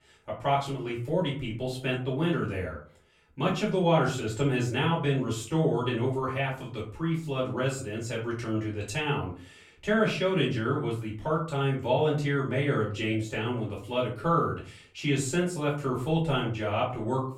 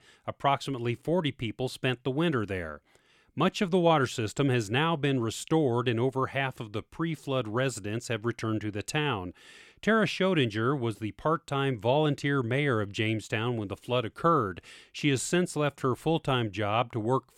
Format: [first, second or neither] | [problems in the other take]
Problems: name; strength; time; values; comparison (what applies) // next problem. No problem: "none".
second | off-mic speech; far // room echo; slight; dies away in 0.4 s